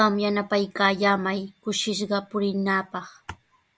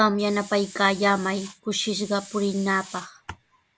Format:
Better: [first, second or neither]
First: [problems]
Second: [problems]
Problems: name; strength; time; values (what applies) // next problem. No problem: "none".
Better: first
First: none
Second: background sound (Hiss); 19 dB below the speech